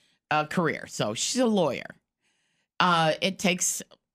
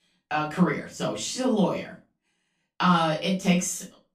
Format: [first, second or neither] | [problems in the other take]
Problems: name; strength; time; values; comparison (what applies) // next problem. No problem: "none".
first | off-mic speech; far // room echo; slight; dies away in 0.3 s